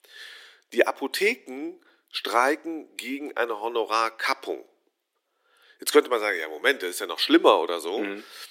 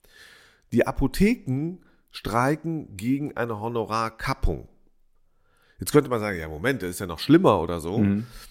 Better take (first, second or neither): second